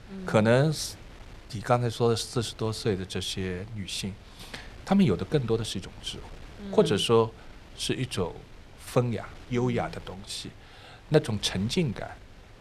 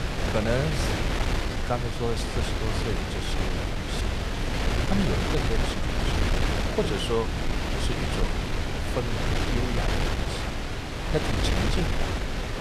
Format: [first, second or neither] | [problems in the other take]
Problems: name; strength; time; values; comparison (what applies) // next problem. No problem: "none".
first | wind noise on the microphone; heavy; 3 dB above the speech; occasional gusts in the first